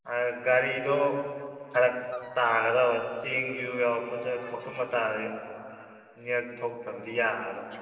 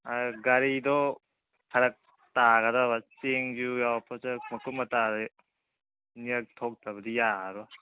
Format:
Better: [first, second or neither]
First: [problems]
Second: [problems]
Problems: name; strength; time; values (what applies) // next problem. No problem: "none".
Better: second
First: noise reduction (neural separator model SepFormer DNS4)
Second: none